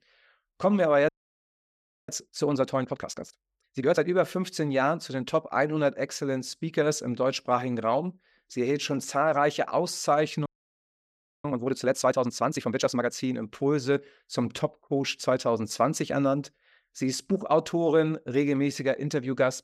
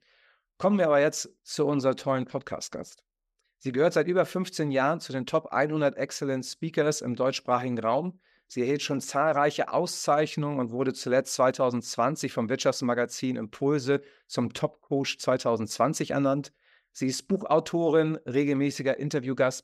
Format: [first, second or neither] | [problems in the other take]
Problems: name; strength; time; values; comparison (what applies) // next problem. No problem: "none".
second | audio freezing; at 1 s for 1 s and at 10 s for 1 s